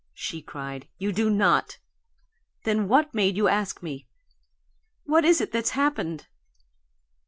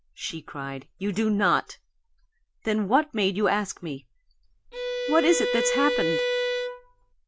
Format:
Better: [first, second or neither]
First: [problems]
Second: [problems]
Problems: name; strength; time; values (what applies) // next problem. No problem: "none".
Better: first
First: none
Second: background sound (Bowed string instrument); as loud as the speech